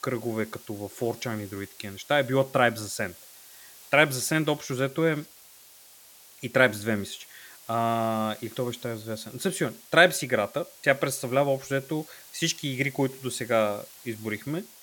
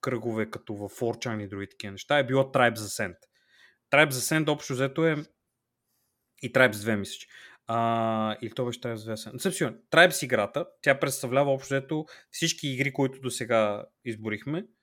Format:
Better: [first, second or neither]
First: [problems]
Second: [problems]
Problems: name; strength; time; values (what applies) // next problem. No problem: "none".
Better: second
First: hiss; faint; throughout; 20 dB below the speech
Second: none